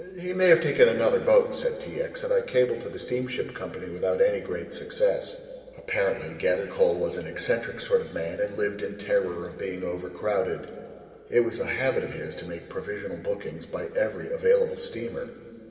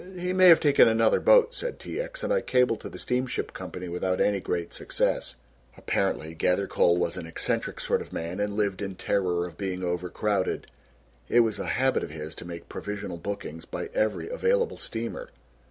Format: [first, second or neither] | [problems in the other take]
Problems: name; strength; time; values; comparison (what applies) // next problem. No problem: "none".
second | room echo; dies away in 2.4 s